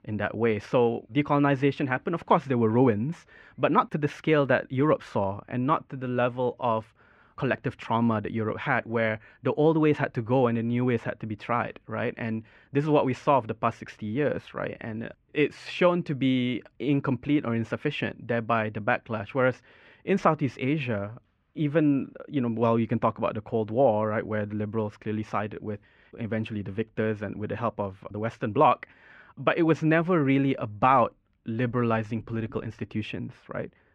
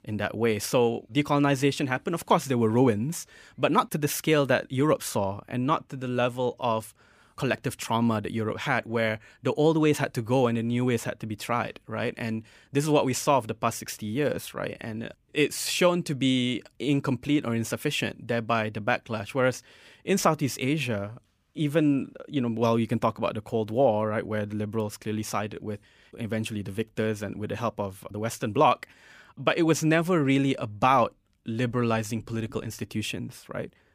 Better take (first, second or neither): second